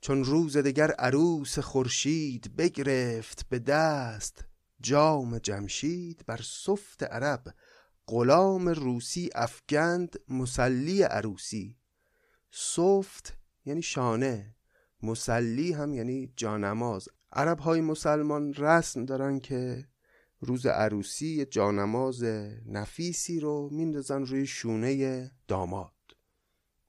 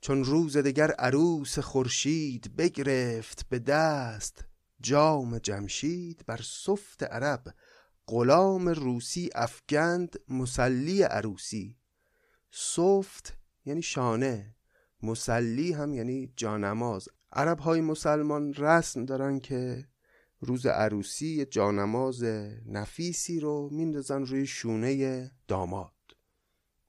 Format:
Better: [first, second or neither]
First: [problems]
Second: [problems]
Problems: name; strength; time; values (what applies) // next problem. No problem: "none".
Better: neither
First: none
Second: none